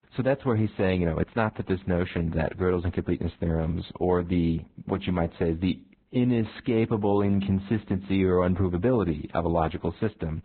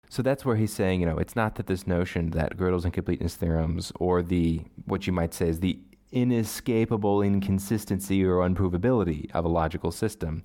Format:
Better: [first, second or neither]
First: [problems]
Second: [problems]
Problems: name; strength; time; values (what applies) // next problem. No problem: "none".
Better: second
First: garbled, watery; badly; nothing above 4 kHz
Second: none